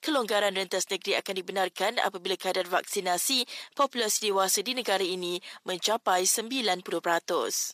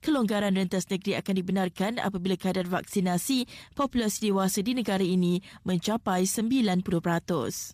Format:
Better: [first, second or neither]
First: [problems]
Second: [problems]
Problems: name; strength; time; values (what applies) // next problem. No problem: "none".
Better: second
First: thin; very; fading below 450 Hz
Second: none